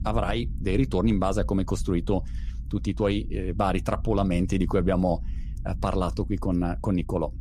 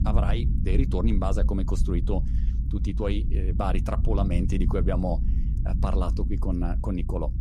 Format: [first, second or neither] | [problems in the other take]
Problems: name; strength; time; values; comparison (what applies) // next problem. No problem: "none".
first | low rumble; loud; throughout; 10 dB below the speech; faint in the first